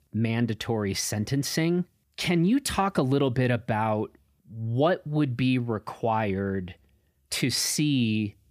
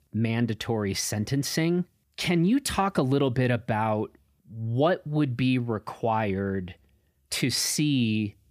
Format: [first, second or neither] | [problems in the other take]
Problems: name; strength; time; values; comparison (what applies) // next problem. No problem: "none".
neither | none